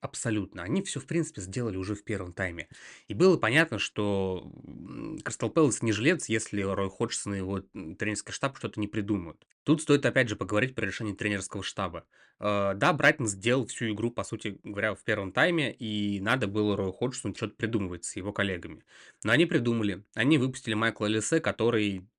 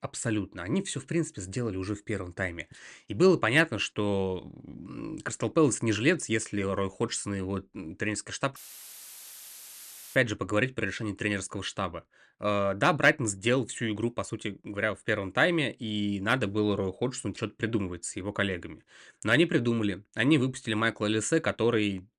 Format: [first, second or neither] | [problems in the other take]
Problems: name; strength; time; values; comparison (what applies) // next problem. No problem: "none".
first | audio cutting out; filled with static; at 8.5 s for 1.5 s